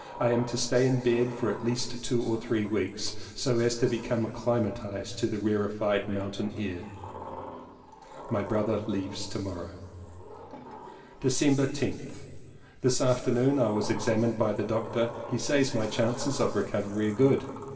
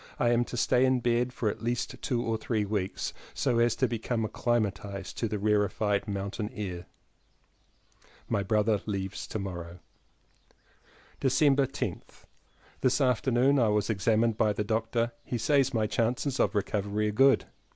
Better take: second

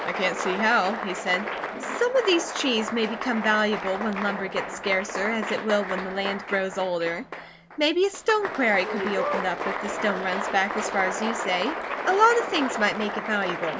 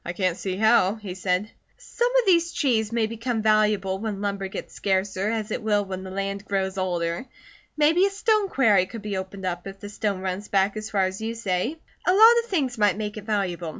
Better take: second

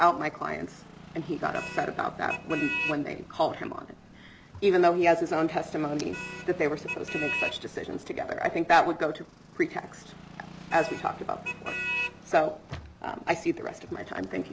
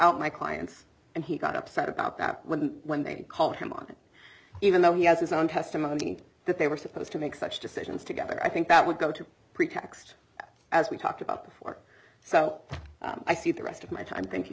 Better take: second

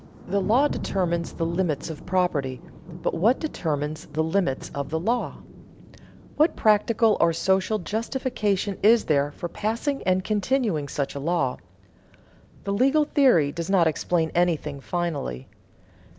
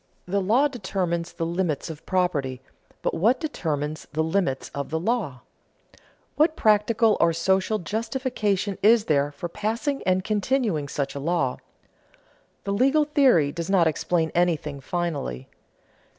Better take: second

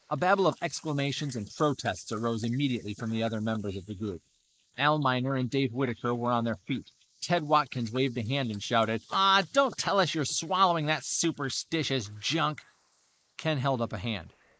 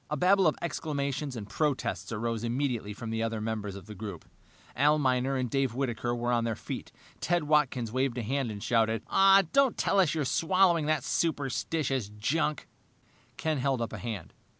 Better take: second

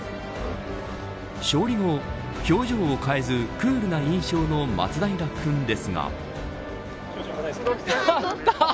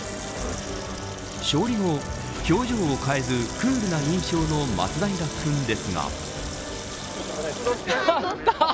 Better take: first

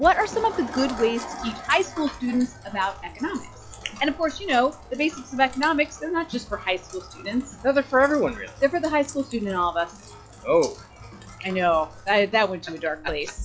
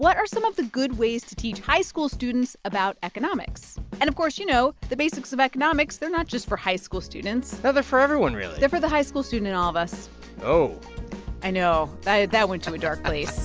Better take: second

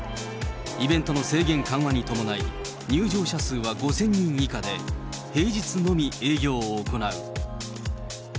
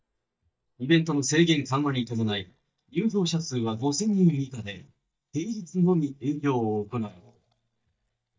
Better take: first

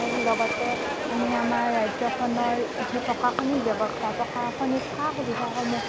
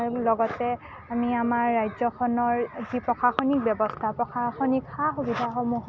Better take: second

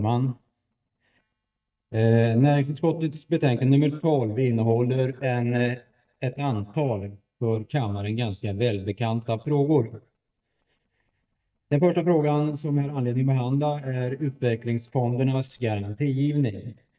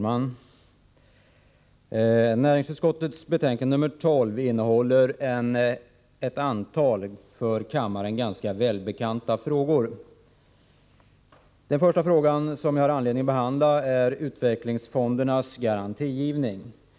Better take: second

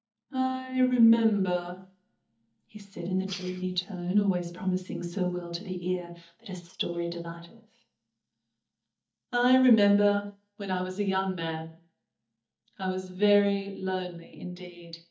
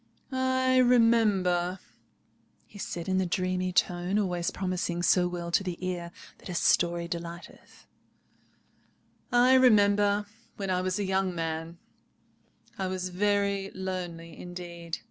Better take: second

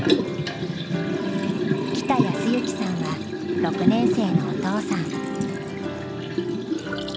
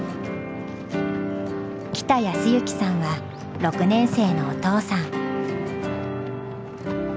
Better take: second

